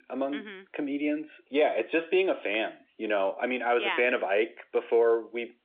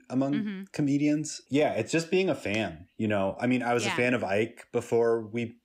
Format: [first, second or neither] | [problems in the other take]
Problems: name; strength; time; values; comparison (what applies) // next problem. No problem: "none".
second | phone-call audio; nothing above 3.5 kHz